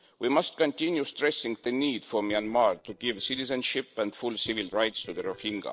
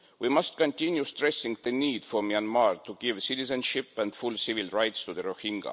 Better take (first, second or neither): second